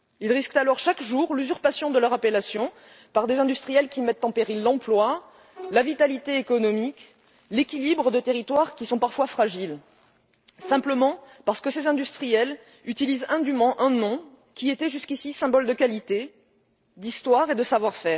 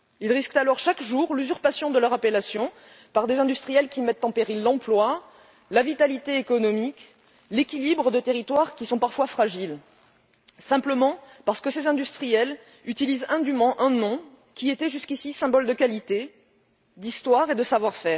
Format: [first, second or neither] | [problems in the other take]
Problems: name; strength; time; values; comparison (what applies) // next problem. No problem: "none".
second | noise reduction (neural separator model SepFormer DNS4)